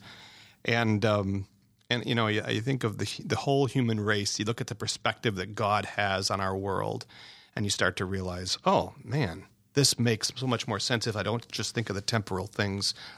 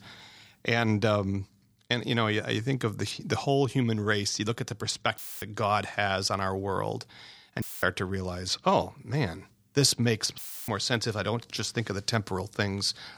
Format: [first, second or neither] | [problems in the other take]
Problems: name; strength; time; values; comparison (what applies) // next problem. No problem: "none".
first | audio cutting out; filled with static; at 5 s, at 7.5 s and at 10 s